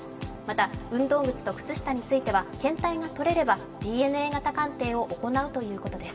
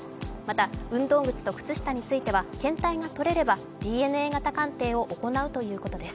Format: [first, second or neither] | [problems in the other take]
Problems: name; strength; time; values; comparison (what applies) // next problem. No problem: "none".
second | room echo; dies away in 0.6 s